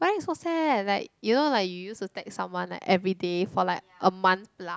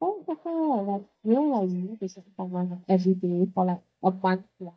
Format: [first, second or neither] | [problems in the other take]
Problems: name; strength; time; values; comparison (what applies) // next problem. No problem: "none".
first | noise reduction (neural mask model DeepFilterNet 3)